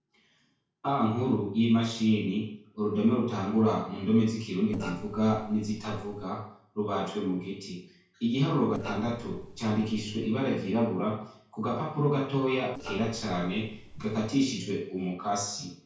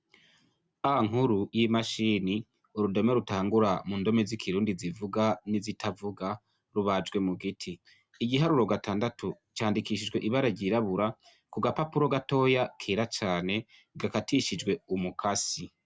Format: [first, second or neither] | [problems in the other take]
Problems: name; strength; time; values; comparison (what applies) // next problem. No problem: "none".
second | noise reduction (neural separator model SepFormer DNS4)